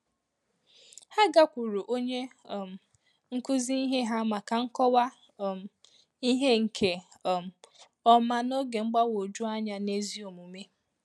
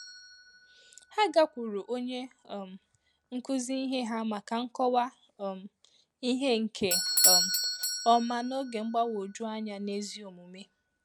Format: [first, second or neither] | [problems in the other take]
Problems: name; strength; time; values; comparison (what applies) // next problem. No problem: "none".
first | background sound (Bell / Doorbell); 3 dB below the speech